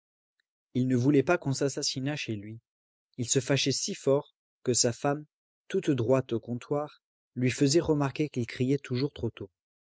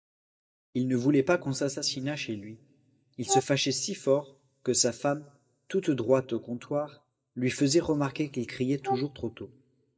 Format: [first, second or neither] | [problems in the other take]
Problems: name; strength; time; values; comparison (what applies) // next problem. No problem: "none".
first | noise reduction (neural mask model DeepFilterNet 3)